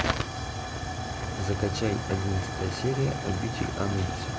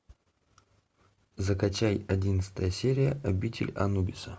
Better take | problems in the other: second | background sound (Tick / Hiss / Explosion / Fire); 1 dB below the speech

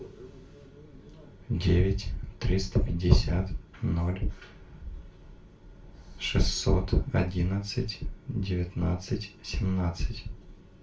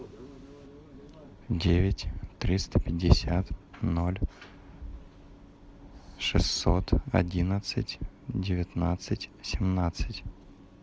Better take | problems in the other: second | room echo; dies away in 0.3 s

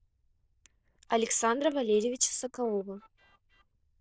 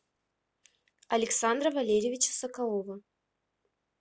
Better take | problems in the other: second | noise reduction (neural diffusion model UNIVERSE++)

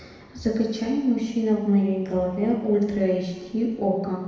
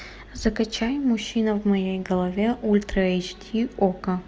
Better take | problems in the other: second | room echo; dies away in 1 s

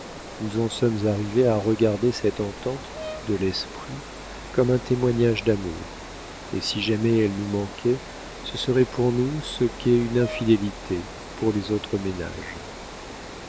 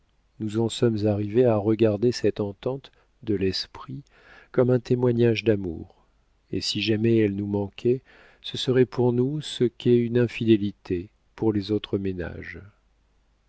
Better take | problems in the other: second | background sound (Brass instrument + Water); 13 dB below the speech

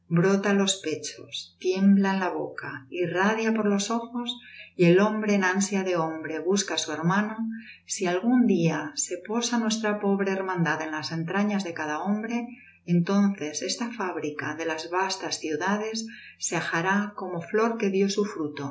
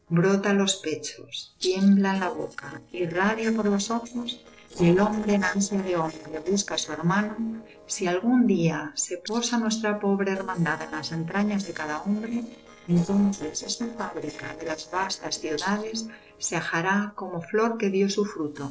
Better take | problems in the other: first | noise reduction (neural separator model SepFormer DNS4)

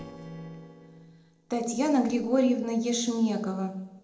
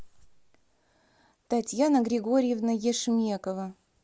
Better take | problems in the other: second | noise reduction (neural separator model SepFormer DNS4)

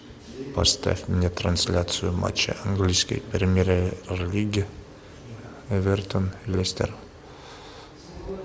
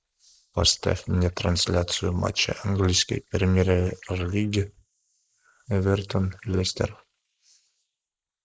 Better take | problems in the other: first | noise reduction (neural mask model Resemble Enhance denoiser)

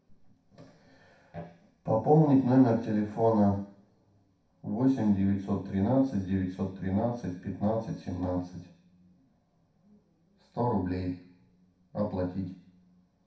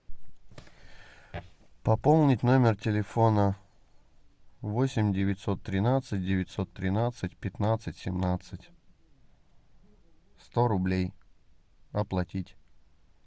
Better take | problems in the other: second | room echo; dies away in 0.6 s

